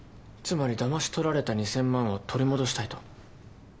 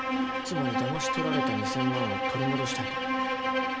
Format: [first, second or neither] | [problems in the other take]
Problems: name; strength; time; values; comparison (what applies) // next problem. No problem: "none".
first | background sound (Bowed string instrument); 5 dB above the speech